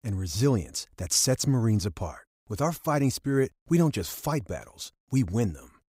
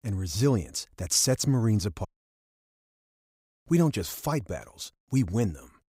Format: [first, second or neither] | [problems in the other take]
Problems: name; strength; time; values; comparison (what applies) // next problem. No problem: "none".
first | audio cutting out; at 2 s for 1.5 s